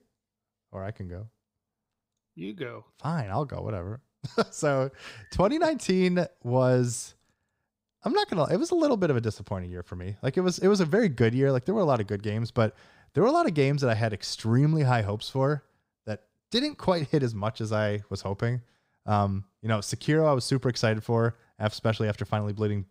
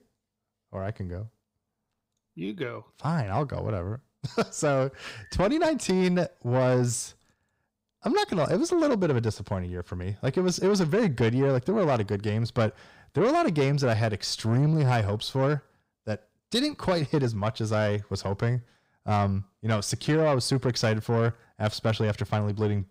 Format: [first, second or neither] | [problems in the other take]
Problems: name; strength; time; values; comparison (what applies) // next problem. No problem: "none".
first | distortion; slight; 10 dB below the speech